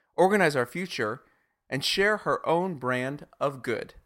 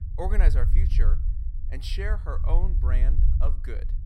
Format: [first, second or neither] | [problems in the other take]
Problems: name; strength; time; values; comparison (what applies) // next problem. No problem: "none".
first | low rumble; loud; throughout; 8 dB below the speech